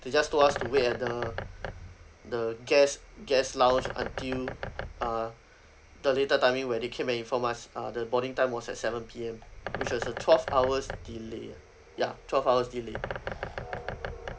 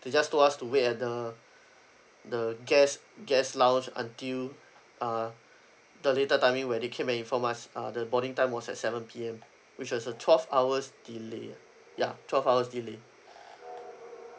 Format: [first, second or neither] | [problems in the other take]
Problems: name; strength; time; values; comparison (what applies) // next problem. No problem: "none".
second | background sound (Bird); 11 dB below the speech